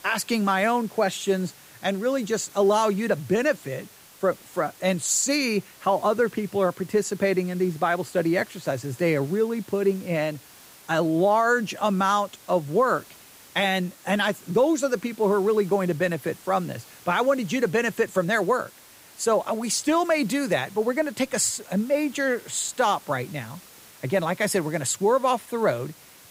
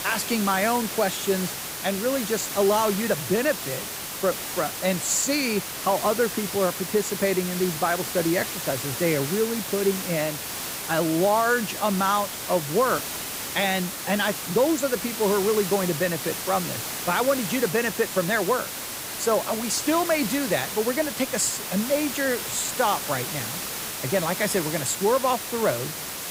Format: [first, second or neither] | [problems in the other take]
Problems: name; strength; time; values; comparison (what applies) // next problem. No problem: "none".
first | hiss; loud; throughout; 5 dB below the speech; faint in the first